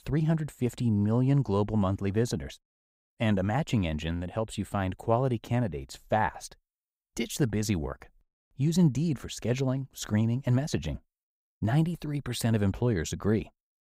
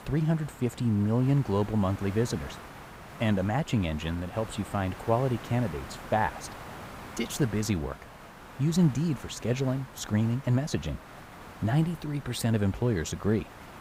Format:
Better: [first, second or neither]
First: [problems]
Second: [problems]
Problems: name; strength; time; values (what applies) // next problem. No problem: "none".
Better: first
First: none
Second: hiss; noticeable; throughout; 15 dB below the speech